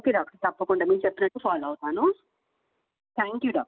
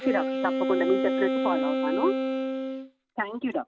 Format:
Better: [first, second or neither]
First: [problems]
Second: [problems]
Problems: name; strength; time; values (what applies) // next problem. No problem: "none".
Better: first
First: none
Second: background sound (Wind instrument, woodwind instrument); 1 dB above the speech